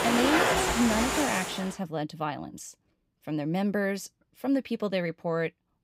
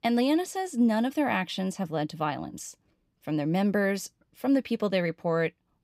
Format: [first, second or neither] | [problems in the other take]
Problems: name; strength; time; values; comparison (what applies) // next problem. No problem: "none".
second | household noises; very loud; until 1.5 s; 3 dB above the speech